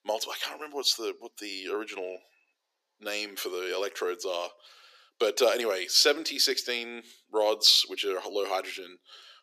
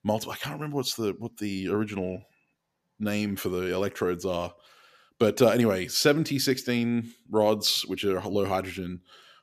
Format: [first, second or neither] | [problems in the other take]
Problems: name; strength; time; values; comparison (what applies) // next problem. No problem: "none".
second | thin; very; fading below 350 Hz